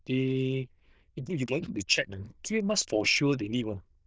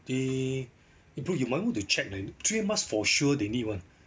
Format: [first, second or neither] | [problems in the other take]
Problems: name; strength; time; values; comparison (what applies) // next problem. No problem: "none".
second | noise reduction (neural diffusion model UNIVERSE++)